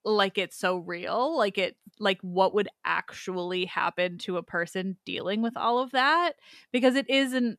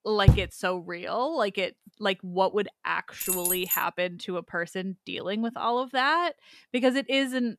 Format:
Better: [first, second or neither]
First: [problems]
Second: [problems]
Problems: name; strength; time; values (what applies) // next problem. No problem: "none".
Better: first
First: none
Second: door banging; loud; at 0.5 s; peak 6 dB above the speech // jangling keys; loud; at 3 s; peak 3 dB above the speech